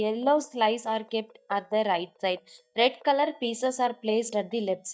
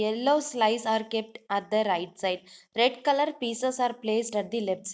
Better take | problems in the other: second | noise reduction (neural mask model DeepFilterNet 3)

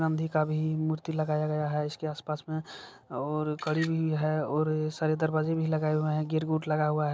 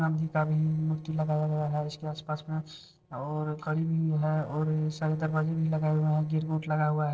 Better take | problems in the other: first | noise reduction (neural separator model SepFormer DNS4)

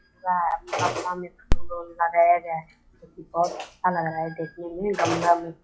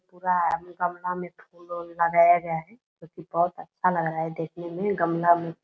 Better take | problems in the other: second | noise reduction (classical method log-MMSE)

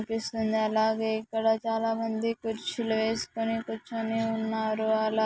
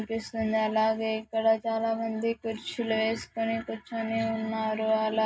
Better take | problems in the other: first | room echo; dies away in 0.2 s

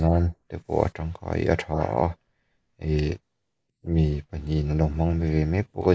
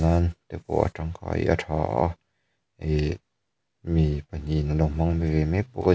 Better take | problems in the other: second | noise reduction (neural mask model Resemble Enhance denoiser)

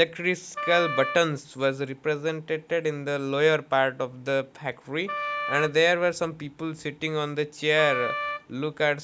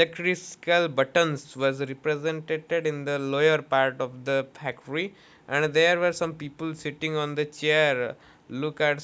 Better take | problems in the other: second | background sound (Wind instrument, woodwind instrument); 7 dB below the speech

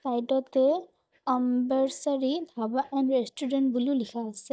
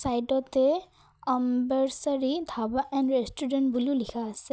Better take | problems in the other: second | noise reduction (neural mask model DeepFilterNet 3)

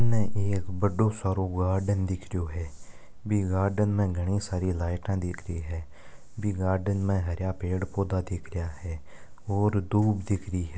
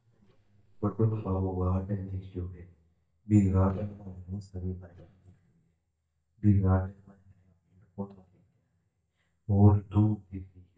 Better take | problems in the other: first | noise reduction (neural mask model DeepFilterNet 3)

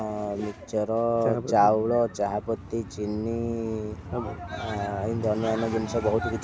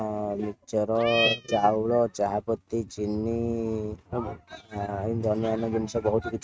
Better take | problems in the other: first | noise reduction (neural mask model RNNoise)

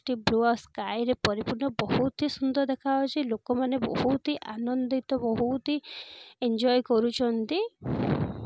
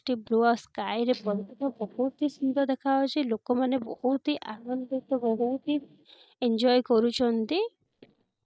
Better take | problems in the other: first | noise reduction (neural mask model DeepFilterNet 3)

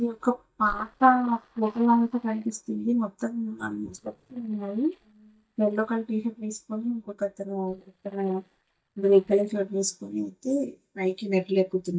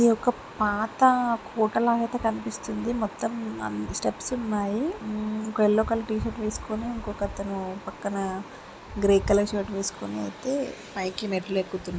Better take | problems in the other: second | noise reduction (neural mask model DeepFilterNet 3)

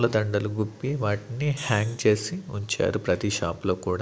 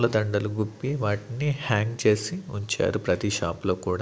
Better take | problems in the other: second | background sound (Hi-hat); 18 dB below the speech

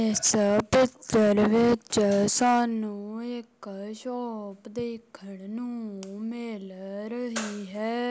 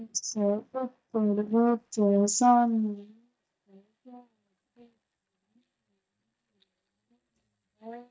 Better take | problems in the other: first | noise reduction (neural mask model DeepFilterNet 3)

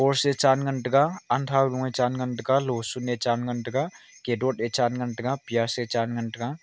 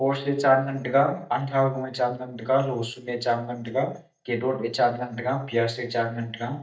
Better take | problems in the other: first | noise reduction (neural mask model DeepFilterNet 3)

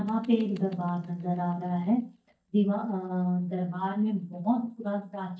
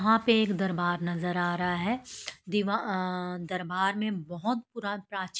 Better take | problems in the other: second | noise reduction (neural mask model DeepFilterNet 3)

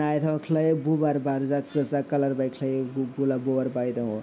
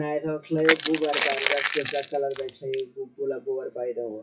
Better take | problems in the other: first | noise reduction (classical method WPE with log-MMSE)

